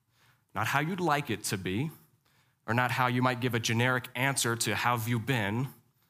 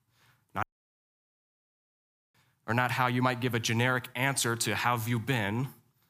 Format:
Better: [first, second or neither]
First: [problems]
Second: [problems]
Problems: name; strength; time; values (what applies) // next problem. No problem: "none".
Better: first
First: none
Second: audio cutting out; at 0.5 s for 1.5 s